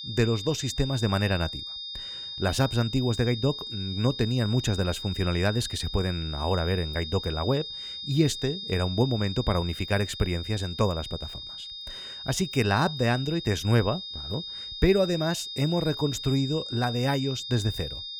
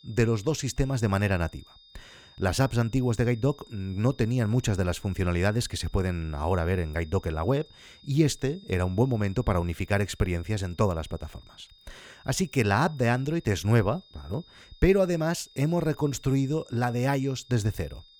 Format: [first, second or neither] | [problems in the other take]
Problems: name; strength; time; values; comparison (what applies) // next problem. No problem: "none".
second | high-pitched whine; loud; throughout; 3.5 kHz, 8 dB below the speech; faint in the second